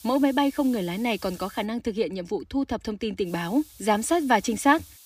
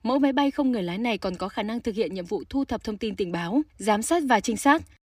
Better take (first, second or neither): second